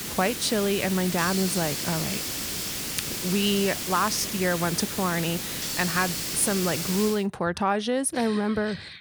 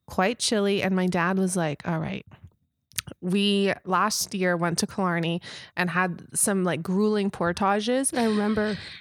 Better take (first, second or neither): second